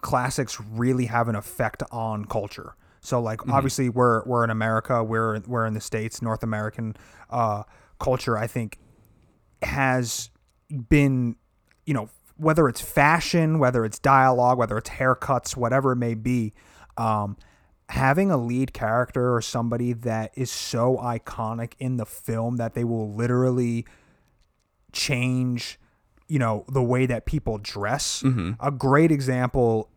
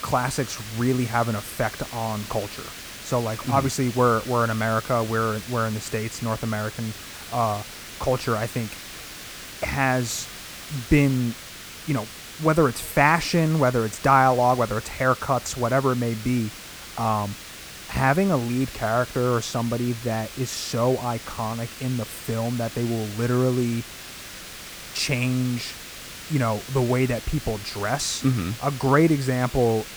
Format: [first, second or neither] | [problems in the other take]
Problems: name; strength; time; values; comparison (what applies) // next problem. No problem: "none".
first | hiss; noticeable; throughout; 15 dB below the speech